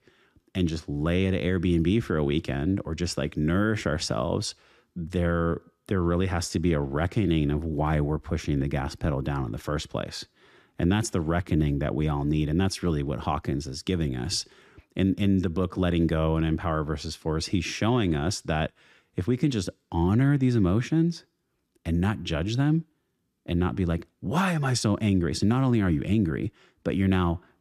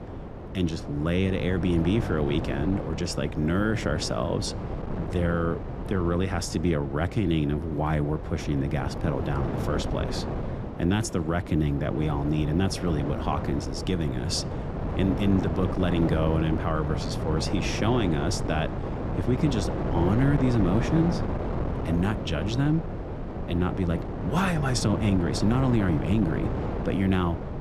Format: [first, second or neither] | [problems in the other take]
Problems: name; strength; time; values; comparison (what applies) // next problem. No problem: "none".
first | wind noise on the microphone; heavy; 5 dB below the speech